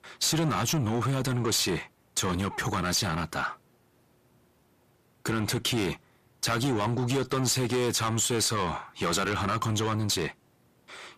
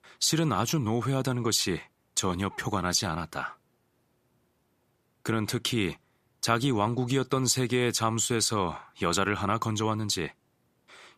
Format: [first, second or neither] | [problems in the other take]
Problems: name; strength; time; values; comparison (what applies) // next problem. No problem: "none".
second | distortion; heavy; 6 dB below the speech